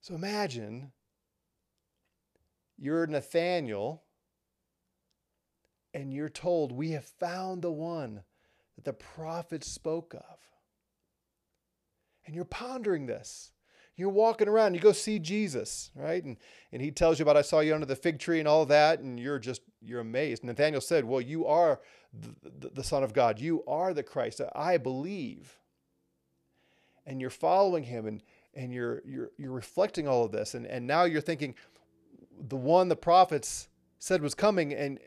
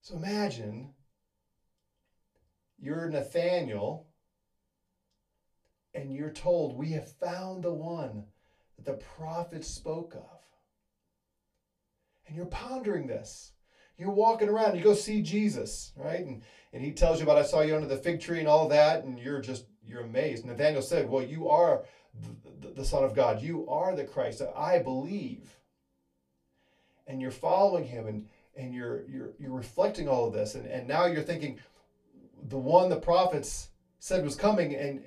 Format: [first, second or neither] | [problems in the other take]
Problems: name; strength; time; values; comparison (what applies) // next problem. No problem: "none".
first | off-mic speech; far // room echo; very slight; dies away in 0.2 s